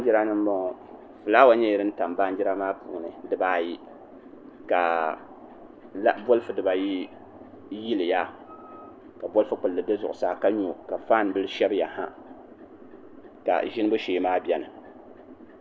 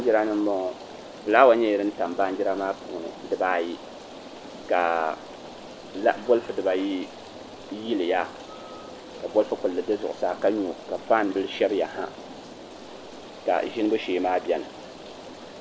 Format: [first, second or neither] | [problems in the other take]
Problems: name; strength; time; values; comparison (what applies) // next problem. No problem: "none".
first | background sound (Rain); 17 dB below the speech